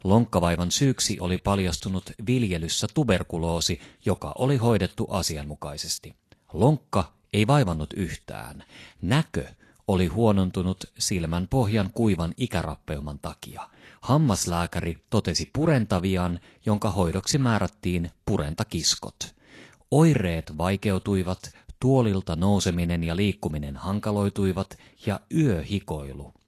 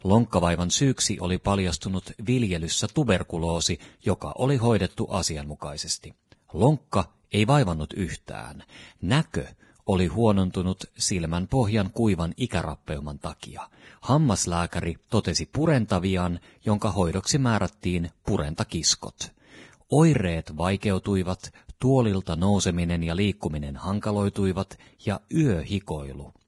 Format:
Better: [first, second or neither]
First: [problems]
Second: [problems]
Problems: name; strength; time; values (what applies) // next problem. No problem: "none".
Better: first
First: garbled, watery; slightly; nothing above 12 kHz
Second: garbled, watery; badly; nothing above 10.5 kHz